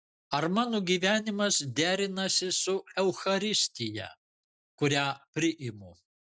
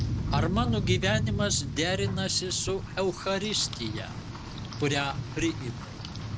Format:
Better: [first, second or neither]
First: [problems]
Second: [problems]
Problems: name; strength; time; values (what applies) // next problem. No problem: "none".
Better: first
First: none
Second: background sound (Rain); 2 dB below the speech